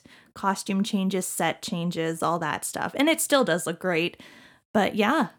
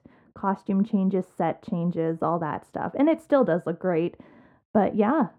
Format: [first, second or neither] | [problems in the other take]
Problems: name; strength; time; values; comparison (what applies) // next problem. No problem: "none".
first | muffled; very; fading above 2.5 kHz